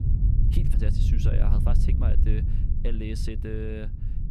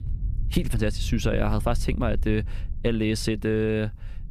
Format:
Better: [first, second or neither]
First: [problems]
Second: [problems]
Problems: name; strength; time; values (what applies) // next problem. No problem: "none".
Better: second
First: low rumble; loud; throughout; 2 dB below the speech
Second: low rumble; faint; throughout; 20 dB below the speech